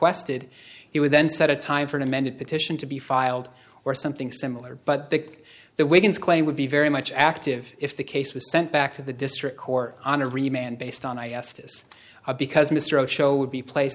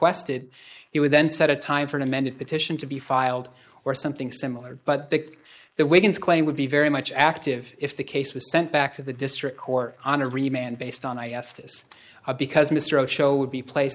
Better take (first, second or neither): first